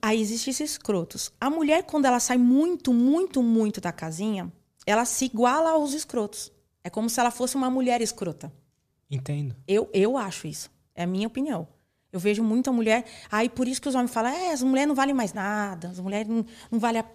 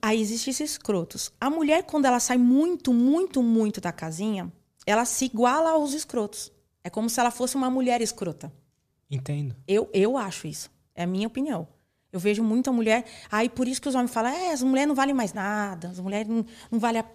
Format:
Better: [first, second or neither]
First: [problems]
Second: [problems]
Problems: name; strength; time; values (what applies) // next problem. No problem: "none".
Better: neither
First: none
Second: none